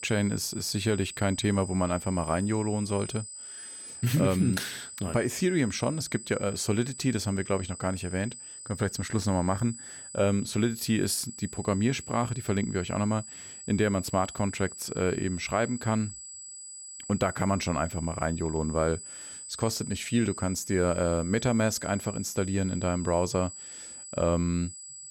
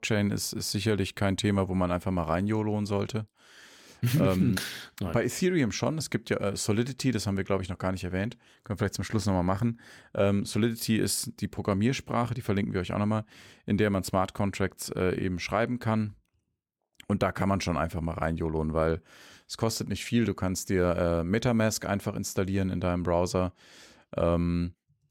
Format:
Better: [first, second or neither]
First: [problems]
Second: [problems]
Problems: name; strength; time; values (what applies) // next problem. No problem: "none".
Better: second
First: high-pitched whine; noticeable; throughout; 8 kHz, 10 dB below the speech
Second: none